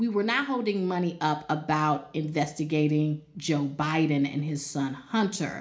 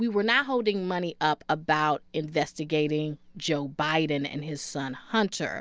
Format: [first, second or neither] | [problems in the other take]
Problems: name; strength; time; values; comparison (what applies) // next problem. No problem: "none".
second | room echo; dies away in 0.4 s